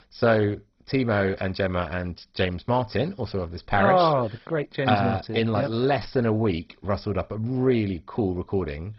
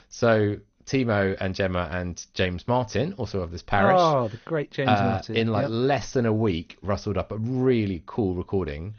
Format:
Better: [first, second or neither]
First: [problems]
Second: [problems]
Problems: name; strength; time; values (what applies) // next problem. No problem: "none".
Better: second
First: garbled, watery; badly; nothing above 5.5 kHz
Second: garbled, watery; slightly; nothing above 6.5 kHz